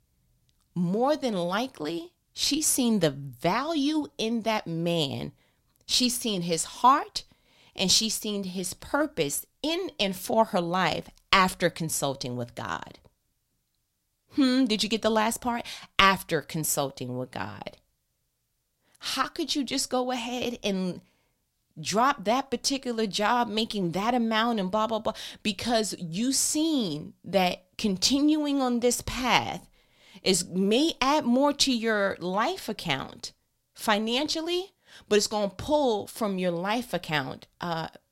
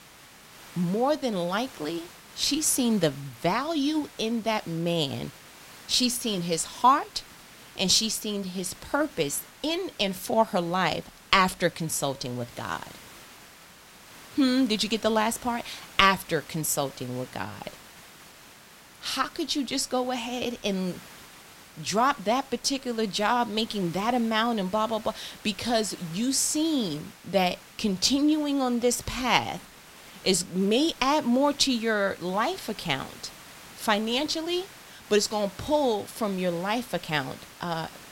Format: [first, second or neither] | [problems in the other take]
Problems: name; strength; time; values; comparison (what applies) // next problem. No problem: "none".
first | hiss; noticeable; throughout; 20 dB below the speech